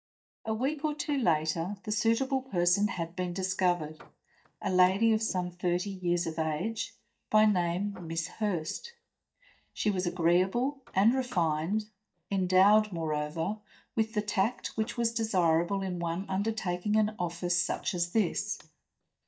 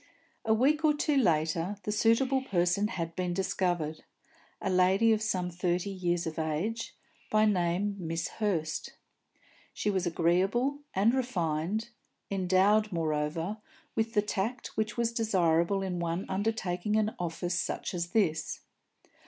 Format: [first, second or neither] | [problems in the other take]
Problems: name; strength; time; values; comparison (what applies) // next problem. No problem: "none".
second | noise reduction (neural mask model DeepFilterNet 3)